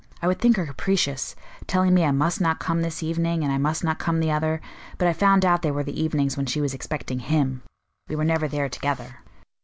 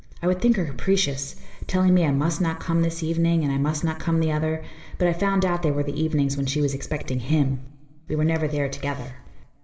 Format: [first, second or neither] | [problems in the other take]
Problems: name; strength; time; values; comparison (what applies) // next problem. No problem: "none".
first | room echo; dies away in 0.9 s